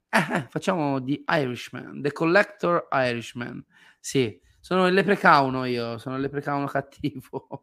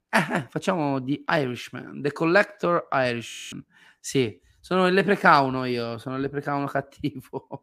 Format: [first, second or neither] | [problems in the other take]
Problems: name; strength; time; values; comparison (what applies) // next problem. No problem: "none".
first | audio freezing; at 3.5 s